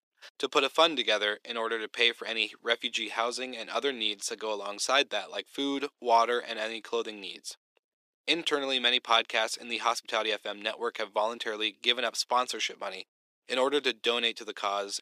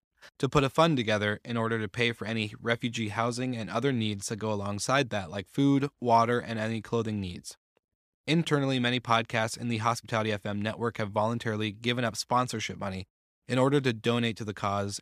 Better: second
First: thin; somewhat; fading below 350 Hz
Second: none

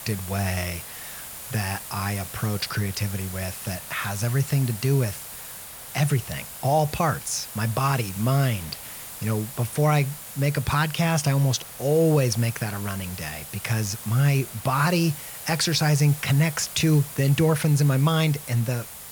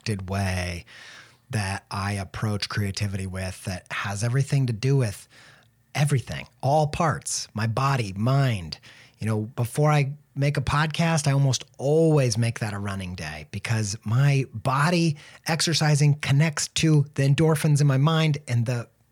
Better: second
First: hiss; noticeable; throughout; 10 dB below the speech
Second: none

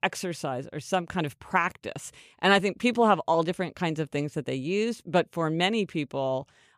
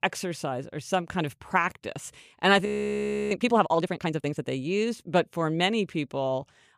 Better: first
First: none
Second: audio freezing; at 2.5 s for 0.5 s

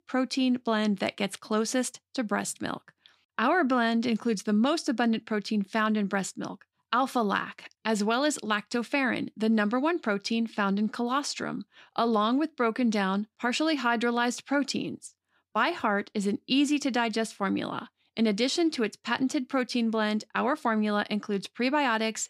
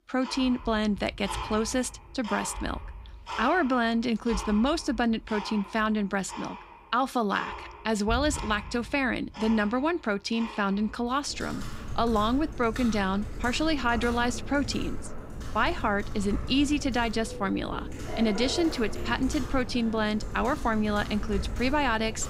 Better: first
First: none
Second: household noises; noticeable; throughout; 10 dB below the speech

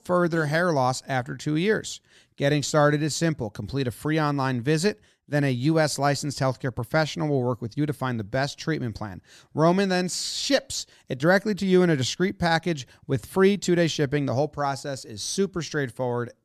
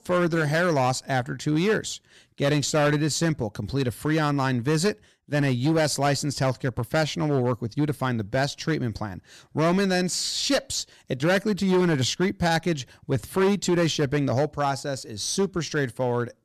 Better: first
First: none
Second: distortion; slight; 8% of the sound clipped

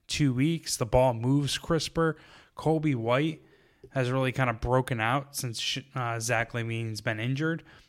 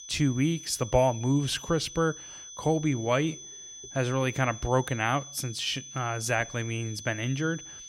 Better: first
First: none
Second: high-pitched whine; noticeable; throughout; 6 kHz, 15 dB below the speech

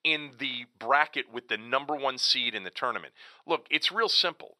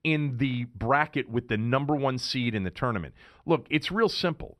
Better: second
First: thin; very; fading below 600 Hz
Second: none

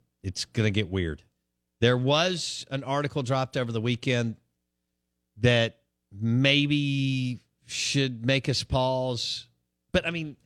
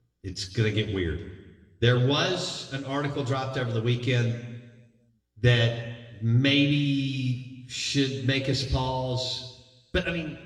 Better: first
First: none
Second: room echo; slight; dies away in 1.1 s // off-mic speech; somewhat distant

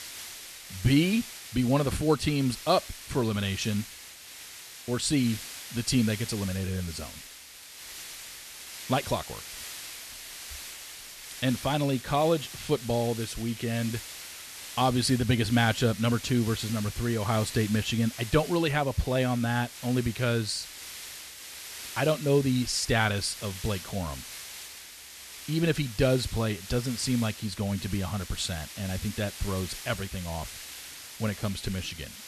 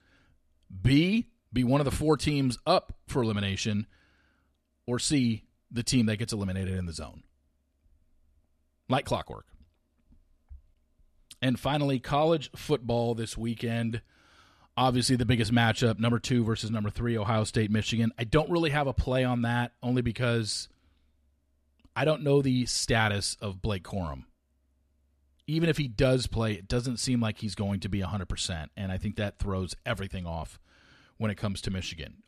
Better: second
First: hiss; noticeable; throughout; 10 dB below the speech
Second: none

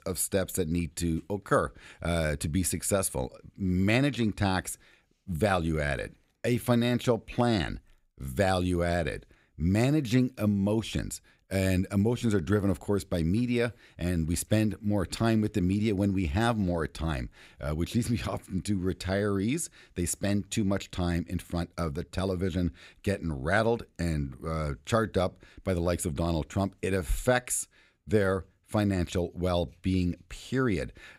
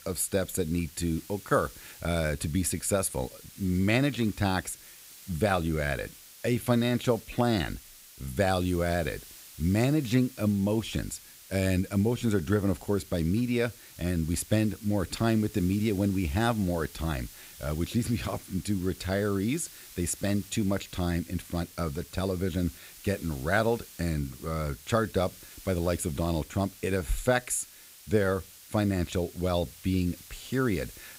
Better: first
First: none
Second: hiss; noticeable; throughout; 20 dB below the speech

